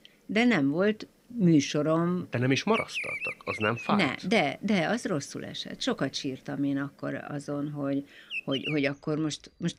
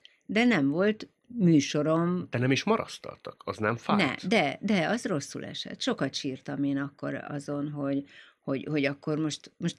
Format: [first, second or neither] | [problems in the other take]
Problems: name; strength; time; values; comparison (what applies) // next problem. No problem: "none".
second | animal sounds; loud; throughout; 6 dB below the speech